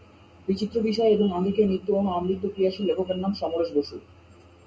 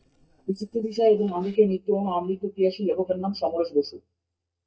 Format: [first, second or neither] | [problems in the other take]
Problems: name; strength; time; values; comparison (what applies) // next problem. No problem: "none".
first | noise reduction (neural mask model DeepFilterNet 3)